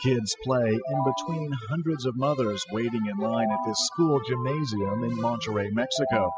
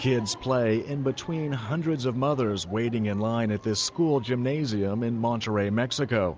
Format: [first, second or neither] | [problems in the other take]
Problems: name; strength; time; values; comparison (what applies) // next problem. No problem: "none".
second | noise reduction (classical method spectral subtraction)